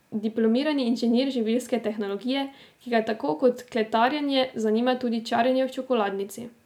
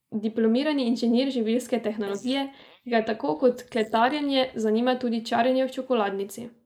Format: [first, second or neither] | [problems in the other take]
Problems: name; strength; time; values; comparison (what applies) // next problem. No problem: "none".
first | noise reduction (neural mask model Resemble Enhance denoiser)